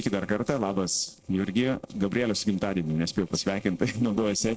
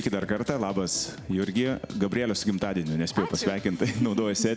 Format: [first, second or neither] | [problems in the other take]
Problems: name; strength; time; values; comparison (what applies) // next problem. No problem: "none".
second | noise reduction (neural separator model SepFormer DNS4)